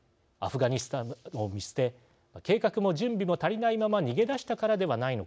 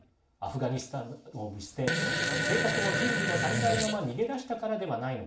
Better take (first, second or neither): first